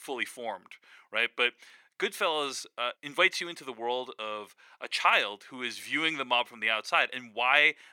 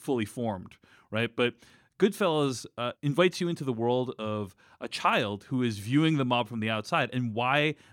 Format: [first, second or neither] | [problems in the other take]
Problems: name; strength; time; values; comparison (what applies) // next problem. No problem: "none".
second | thin; very; fading below 600 Hz